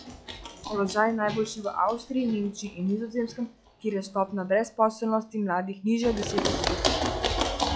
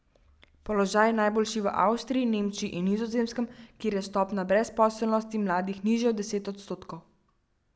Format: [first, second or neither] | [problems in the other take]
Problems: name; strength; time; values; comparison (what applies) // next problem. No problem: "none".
second | noise reduction (classical method log-MMSE)